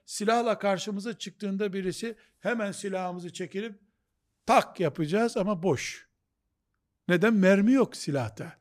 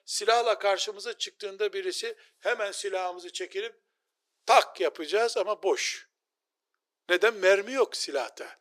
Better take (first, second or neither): first